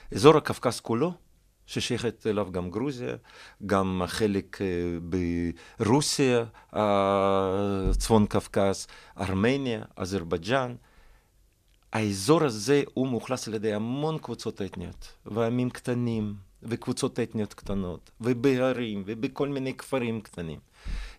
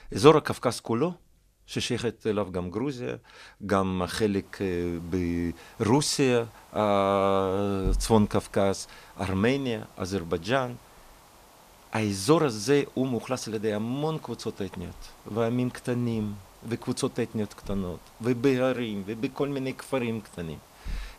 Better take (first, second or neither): first